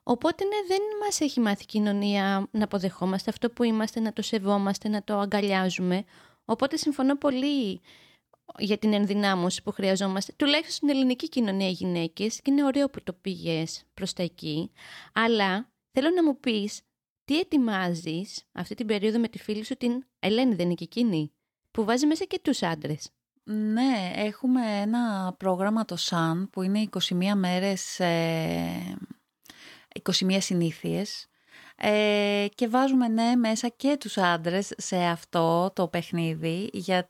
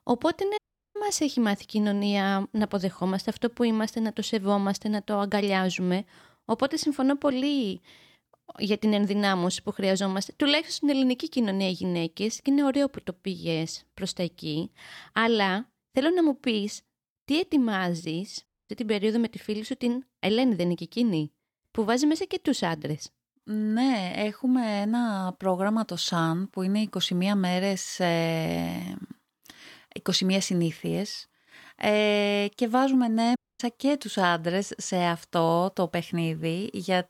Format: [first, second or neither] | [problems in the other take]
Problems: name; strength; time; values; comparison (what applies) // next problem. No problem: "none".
first | audio cutting out; at 0.5 s, at 18 s and at 33 s